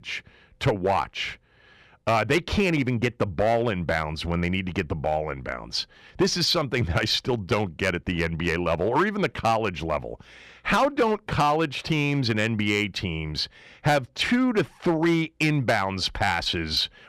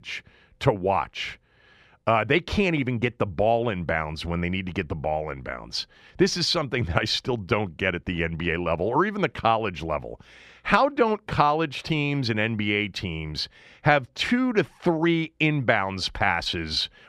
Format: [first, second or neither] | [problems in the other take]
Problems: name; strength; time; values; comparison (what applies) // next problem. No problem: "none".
second | distortion; slight; 4% of the sound clipped